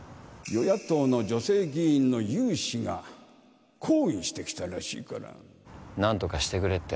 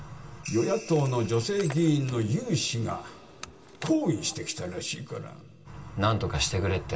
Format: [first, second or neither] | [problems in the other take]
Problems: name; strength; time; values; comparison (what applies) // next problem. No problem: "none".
first | background sound (Car); 18 dB below the speech // room echo; dies away in 0.2 s